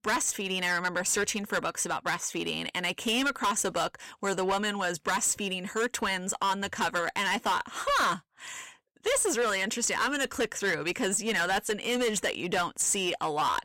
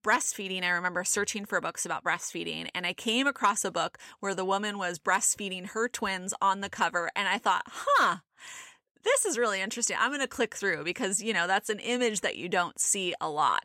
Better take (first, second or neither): second